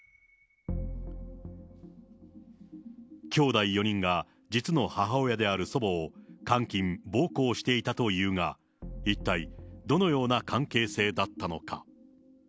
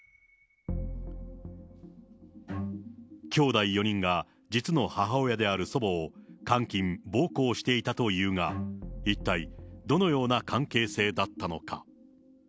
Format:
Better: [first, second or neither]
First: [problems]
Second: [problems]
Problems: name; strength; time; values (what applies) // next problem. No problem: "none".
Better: first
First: none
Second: background sound (Bowed string instrument); 13 dB below the speech